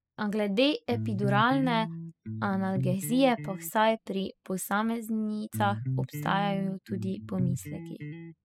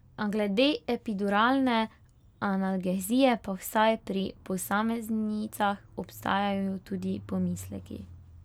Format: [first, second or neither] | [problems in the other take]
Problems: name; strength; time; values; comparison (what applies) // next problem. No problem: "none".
second | noise reduction (classical method spectral subtraction)